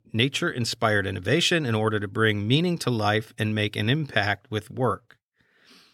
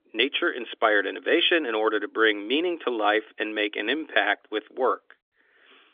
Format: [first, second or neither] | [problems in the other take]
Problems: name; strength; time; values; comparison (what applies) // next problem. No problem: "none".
first | phone-call audio; nothing above 3.5 kHz